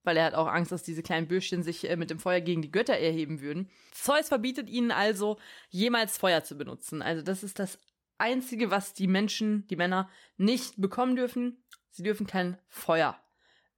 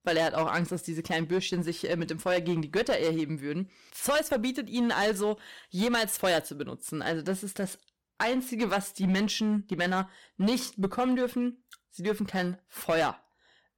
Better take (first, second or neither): first